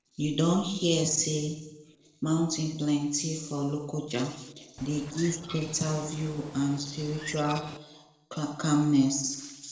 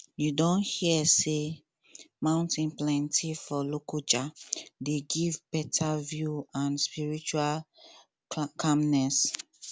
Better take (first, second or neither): second